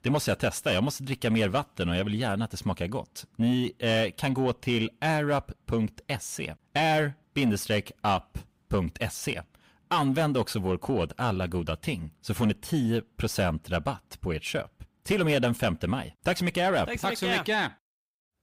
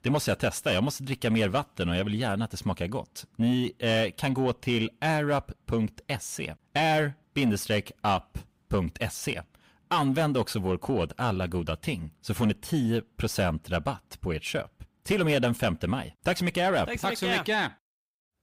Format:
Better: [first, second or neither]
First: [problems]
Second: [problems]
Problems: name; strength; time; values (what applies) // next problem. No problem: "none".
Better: neither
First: distortion; slight; 10 dB below the speech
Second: distortion; slight; 10 dB below the speech